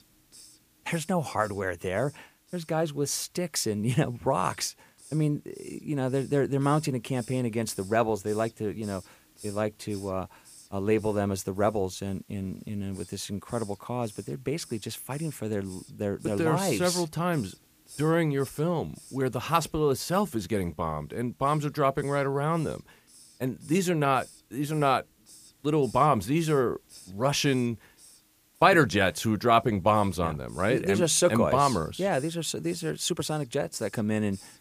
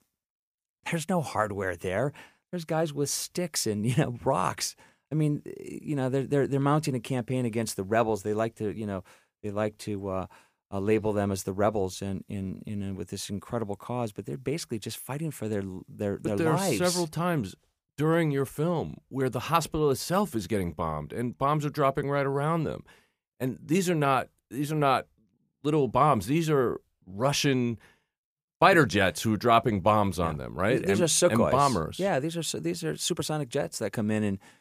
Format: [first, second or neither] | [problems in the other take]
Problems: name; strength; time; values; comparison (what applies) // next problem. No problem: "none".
second | hiss; faint; throughout; 25 dB below the speech